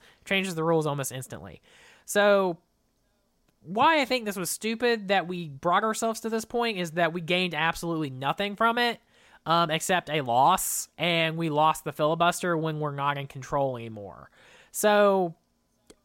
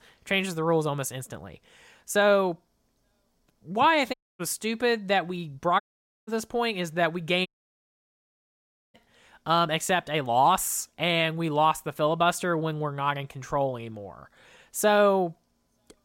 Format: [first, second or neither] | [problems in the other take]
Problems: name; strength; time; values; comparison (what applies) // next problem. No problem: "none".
first | audio cutting out; at 4 s, at 6 s and at 7.5 s for 1.5 s